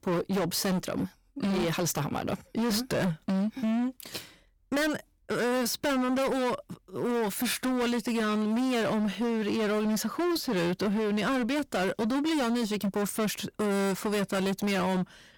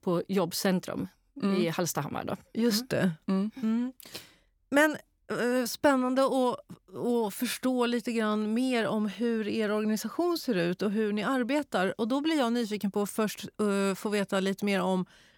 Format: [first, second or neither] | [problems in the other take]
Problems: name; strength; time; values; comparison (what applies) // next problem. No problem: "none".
second | distortion; heavy; 30% of the sound clipped